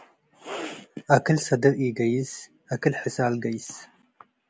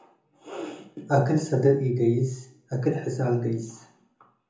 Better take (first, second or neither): first